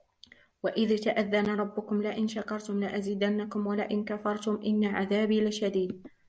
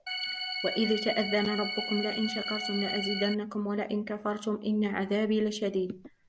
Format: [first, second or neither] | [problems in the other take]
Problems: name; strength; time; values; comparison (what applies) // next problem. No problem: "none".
first | background sound (Organ); 4 dB below the speech